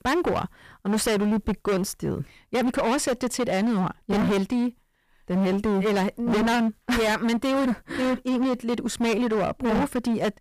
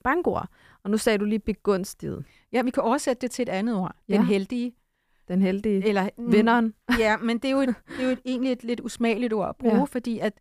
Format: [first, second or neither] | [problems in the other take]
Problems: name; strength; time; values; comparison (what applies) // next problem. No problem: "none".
second | distortion; heavy; 26% of the sound clipped